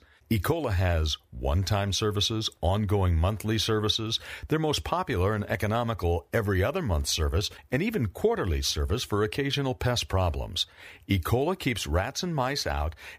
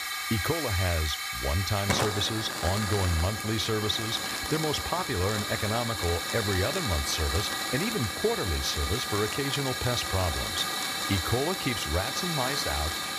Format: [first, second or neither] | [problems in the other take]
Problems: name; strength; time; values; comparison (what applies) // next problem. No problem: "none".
first | hiss; loud; throughout; as loud as the speech